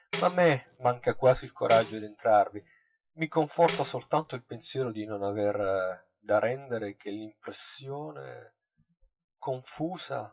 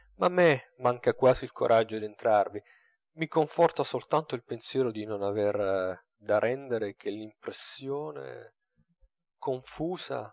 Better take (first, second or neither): second